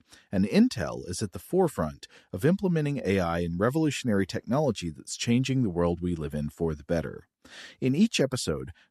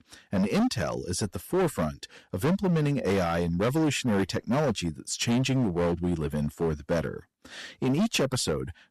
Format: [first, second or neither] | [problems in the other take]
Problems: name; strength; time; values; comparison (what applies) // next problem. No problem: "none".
first | distortion; heavy; 14% of the sound clipped